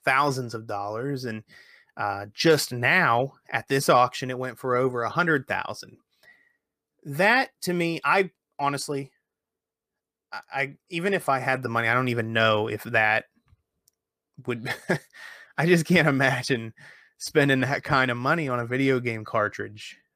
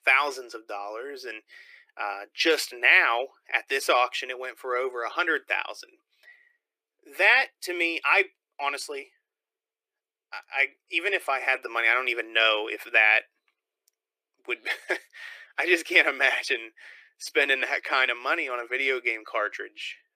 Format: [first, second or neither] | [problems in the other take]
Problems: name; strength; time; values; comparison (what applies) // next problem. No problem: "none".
first | thin; very; fading below 350 Hz